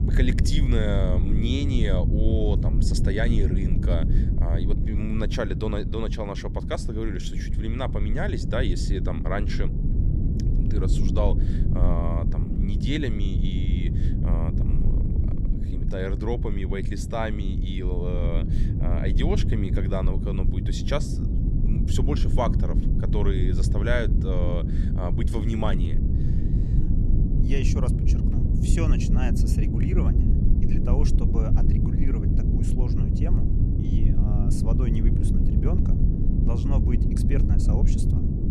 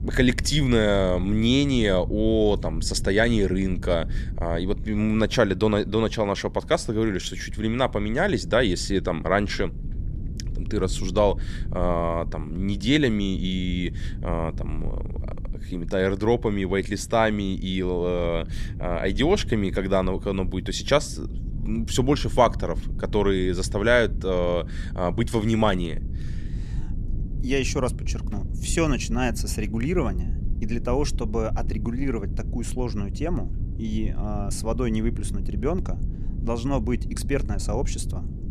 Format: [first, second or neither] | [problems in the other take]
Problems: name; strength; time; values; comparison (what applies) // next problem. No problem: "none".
second | low rumble; loud; throughout; 4 dB below the speech; faint in the second